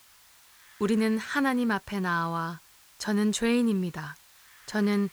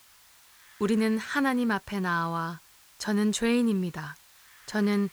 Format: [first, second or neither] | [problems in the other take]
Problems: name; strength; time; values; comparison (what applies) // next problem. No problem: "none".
neither | hiss; faint; throughout; 25 dB below the speech; the same in both